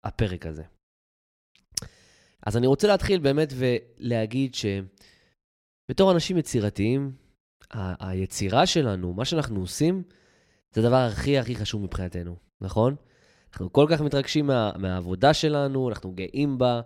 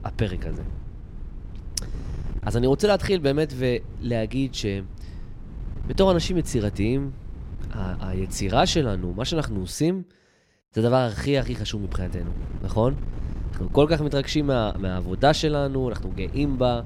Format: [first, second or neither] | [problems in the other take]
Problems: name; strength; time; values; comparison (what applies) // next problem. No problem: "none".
first | wind noise on the microphone; occasional gusts; until 9.5 s and from 11 s on; 20 dB below the speech